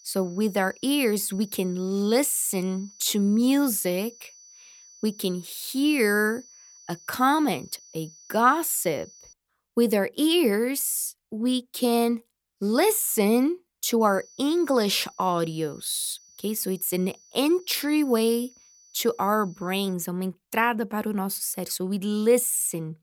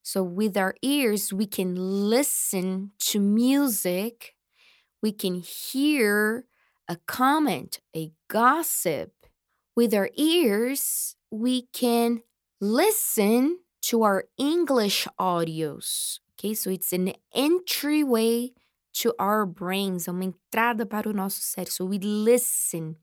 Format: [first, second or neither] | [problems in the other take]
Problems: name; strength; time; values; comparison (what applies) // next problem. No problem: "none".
second | high-pitched whine; faint; until 9.5 s and from 14 to 20 s; 6 kHz, 25 dB below the speech